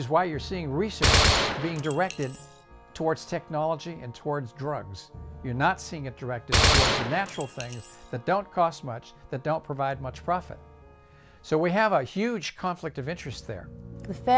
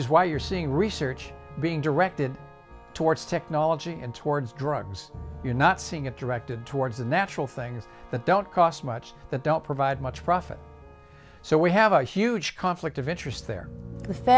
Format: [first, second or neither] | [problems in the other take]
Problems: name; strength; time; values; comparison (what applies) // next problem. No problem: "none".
second | background sound (Gunshot, gunfire); 3 dB above the speech